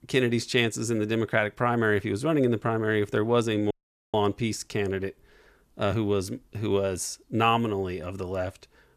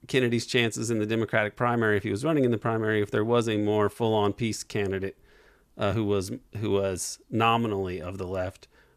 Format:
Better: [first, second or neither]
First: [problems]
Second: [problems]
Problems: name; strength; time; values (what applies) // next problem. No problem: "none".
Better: second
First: audio cutting out; at 3.5 s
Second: none